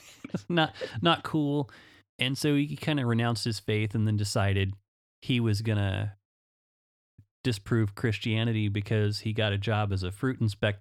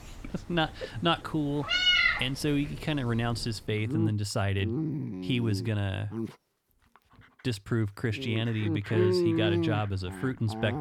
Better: first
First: none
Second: animal sounds; very loud; throughout; 1 dB above the speech

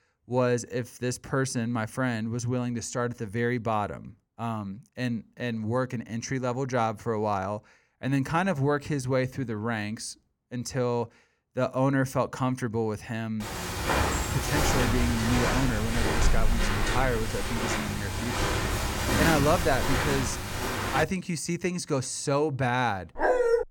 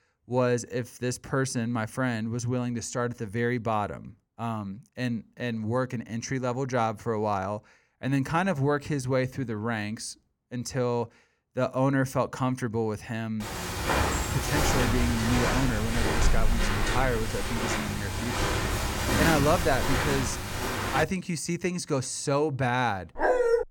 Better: neither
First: footsteps; loud; from 14 to 21 s; peak 5 dB above the speech // dog barking; loud; at 23 s; peak 6 dB above the speech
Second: footsteps; loud; from 14 to 21 s; peak 5 dB above the speech // dog barking; loud; at 23 s; peak 6 dB above the speech

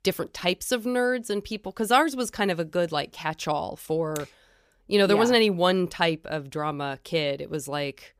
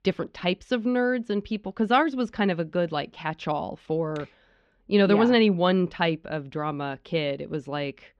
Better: first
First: none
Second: muffled; very slightly; fading above 3.5 kHz

